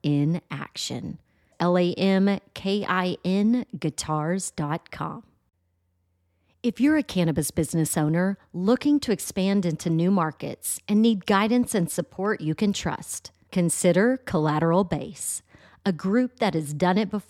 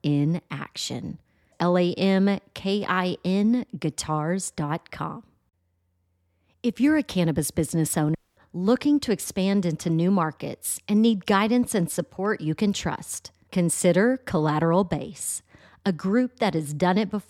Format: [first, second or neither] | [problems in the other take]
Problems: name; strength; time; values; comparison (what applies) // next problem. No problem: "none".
first | audio cutting out; at 8 s